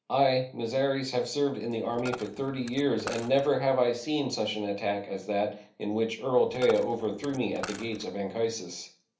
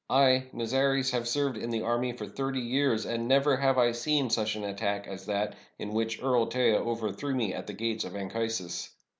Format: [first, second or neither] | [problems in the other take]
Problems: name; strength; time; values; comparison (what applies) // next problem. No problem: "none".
second | background sound (Coin (dropping)); 16 dB below the speech // room echo; dies away in 0.3 s